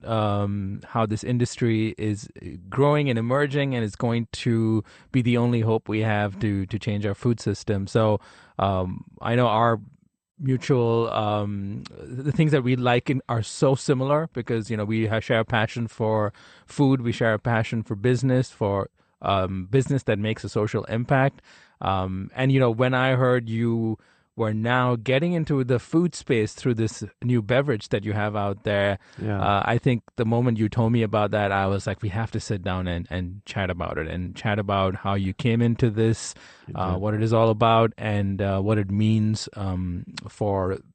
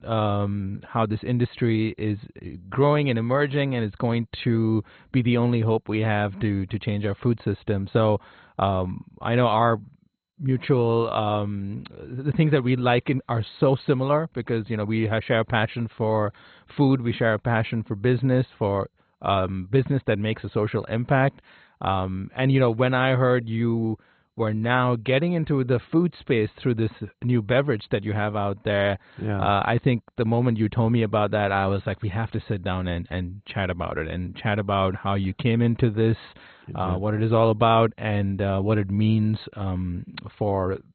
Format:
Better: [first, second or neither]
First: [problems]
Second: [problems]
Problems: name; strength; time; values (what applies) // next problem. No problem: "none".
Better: first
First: garbled, watery; slightly; nothing above 8.5 kHz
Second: garbled, watery; badly; nothing above 4 kHz